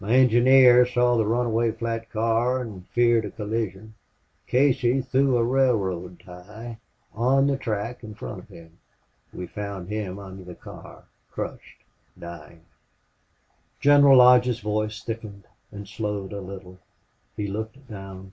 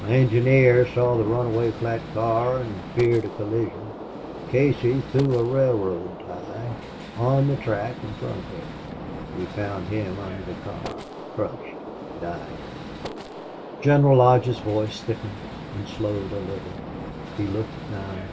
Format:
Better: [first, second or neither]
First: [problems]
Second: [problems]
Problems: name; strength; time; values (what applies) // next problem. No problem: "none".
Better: first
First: none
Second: background sound (Gunshot, gunfire); 11 dB below the speech